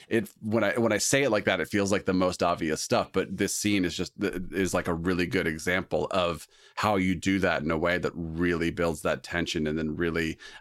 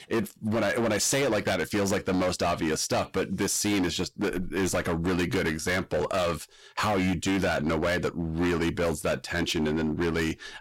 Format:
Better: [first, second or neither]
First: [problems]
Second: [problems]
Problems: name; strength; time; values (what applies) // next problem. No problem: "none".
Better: first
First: none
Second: distortion; heavy; 20% of the sound clipped